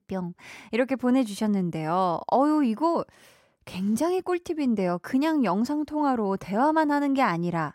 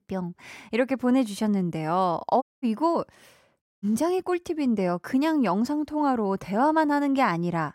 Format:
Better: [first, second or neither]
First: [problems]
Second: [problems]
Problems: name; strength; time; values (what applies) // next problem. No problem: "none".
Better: first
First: none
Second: audio cutting out; at 2.5 s and at 3.5 s